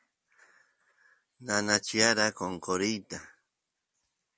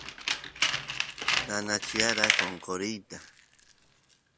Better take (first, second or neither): first